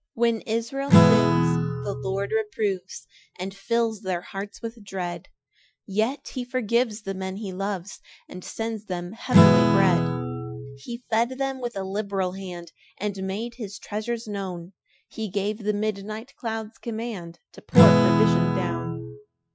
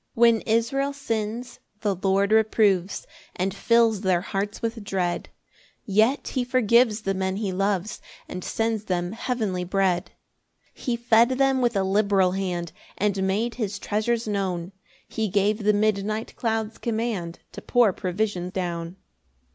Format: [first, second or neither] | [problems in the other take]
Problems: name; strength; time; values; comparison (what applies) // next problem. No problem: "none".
second | noise reduction (classical method Wiener filter)